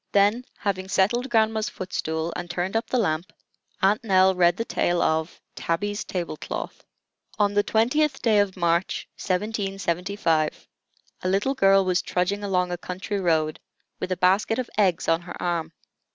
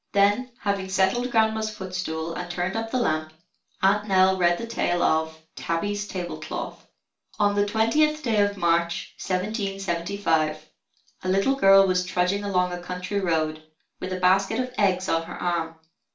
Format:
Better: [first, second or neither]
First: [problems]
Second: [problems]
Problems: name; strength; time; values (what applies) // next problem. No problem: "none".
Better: first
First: none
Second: room echo; dies away in 0.3 s